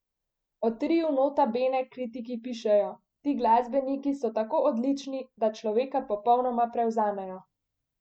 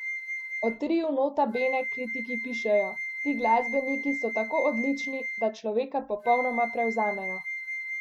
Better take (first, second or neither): first